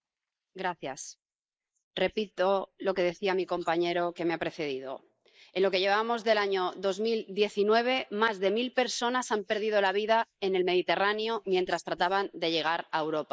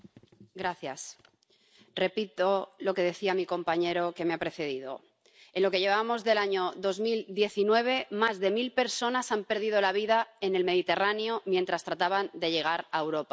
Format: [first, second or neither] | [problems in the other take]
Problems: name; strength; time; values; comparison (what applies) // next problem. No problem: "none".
second | noise reduction (neural mask model Resemble Enhance denoiser)